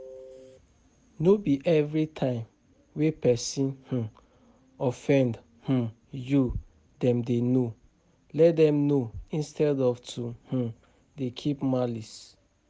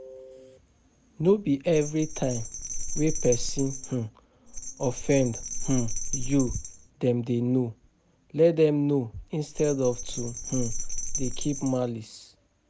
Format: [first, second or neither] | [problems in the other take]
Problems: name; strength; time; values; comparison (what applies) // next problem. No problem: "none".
first | background sound (Bell); 4 dB below the speech